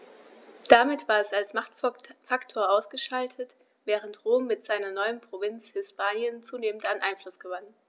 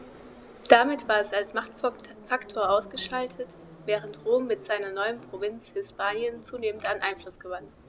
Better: first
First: none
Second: background sound (Subway, metro, underground); 19 dB below the speech

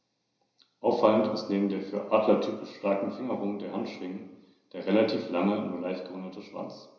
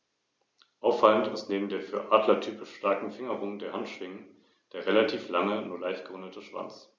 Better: second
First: room echo; dies away in 0.9 s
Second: none

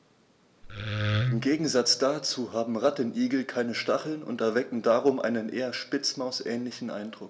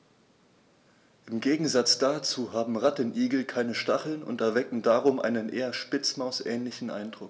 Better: second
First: background sound (Wood); 1 dB below the speech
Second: none

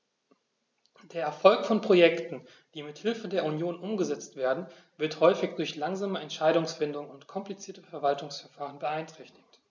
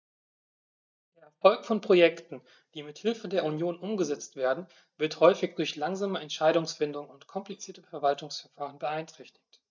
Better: first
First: none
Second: noise reduction (neural mask model DeepFilterNet 3)

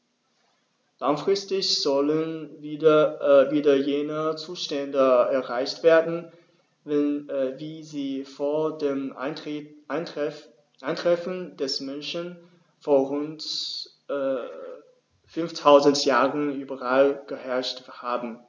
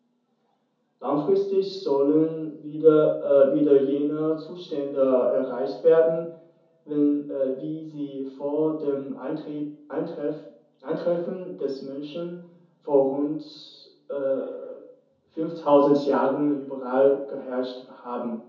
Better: first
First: none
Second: room echo; dies away in 0.5 s

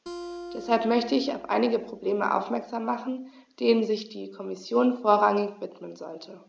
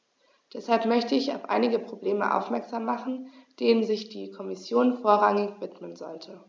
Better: second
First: background sound (Acoustic guitar); 17 dB below the speech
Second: none

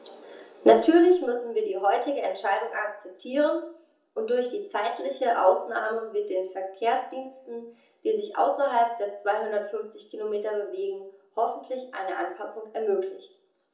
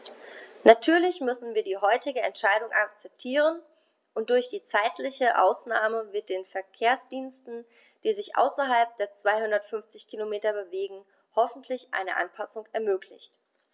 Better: second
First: room echo; dies away in 0.6 s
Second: none

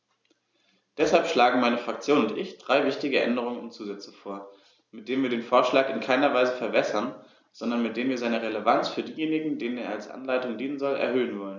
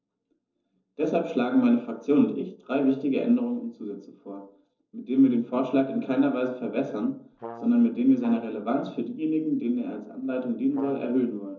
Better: first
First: none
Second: noise reduction (neural separator model SepFormer DNS4)

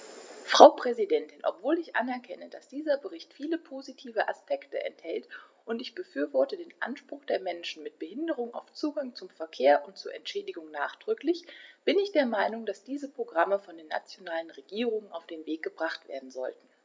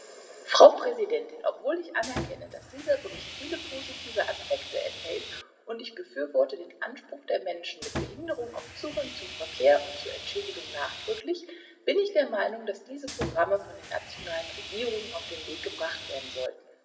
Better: first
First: none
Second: background sound (Sawing); 10 dB below the speech // room echo; dies away in 2.5 s

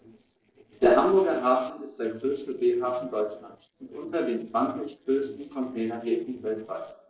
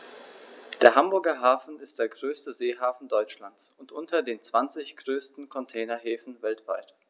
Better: second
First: noise reduction (neural separator model SepFormer DNS4)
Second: none

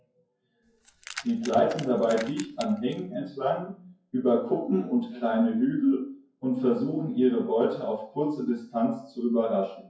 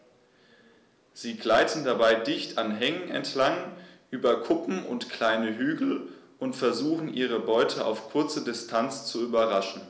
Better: second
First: noise reduction (classical method WPE with log-MMSE)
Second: none

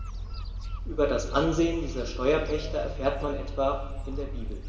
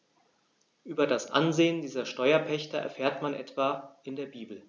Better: second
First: background sound (Gull, seagull); 4 dB below the speech // room echo; dies away in 1.9 s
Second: none

